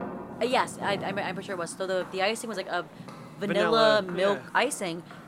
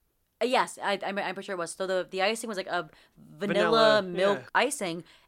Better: second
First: footsteps; noticeable; peak 9 dB below the speech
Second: none

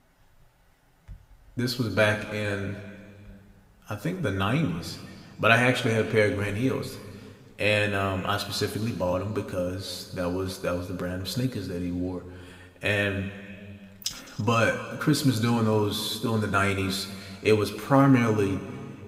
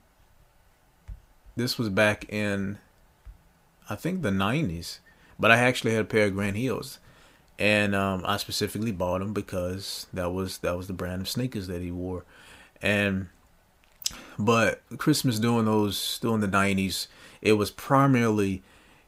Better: second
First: room echo; slight; dies away in 1.8 s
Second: none

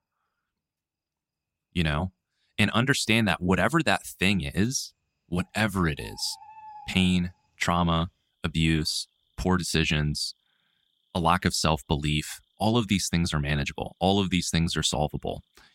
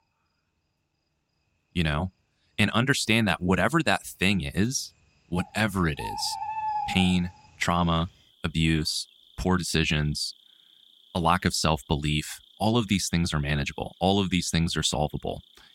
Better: first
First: animal sounds; faint; throughout; 25 dB below the speech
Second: animal sounds; loud; throughout; 9 dB below the speech

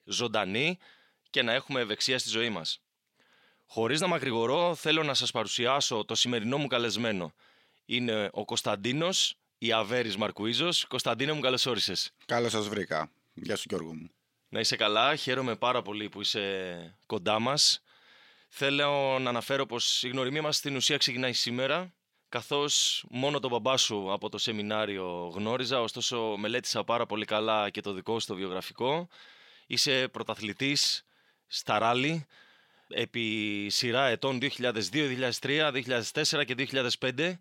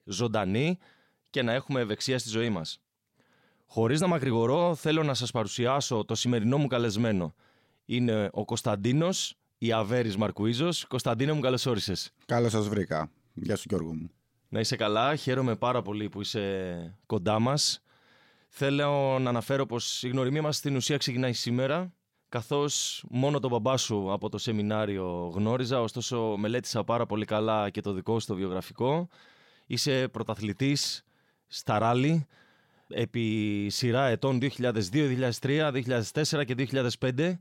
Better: second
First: thin; very slightly; fading below 700 Hz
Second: none

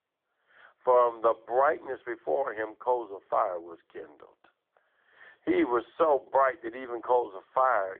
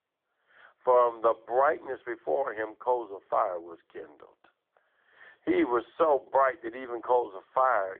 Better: neither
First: phone-call audio; poor line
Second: phone-call audio; poor line

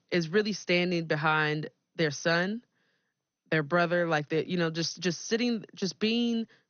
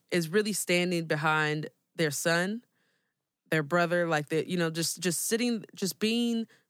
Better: second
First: garbled, watery; slightly; nothing above 6.5 kHz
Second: none

